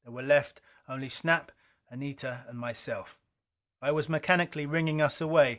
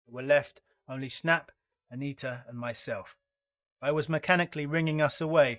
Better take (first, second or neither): first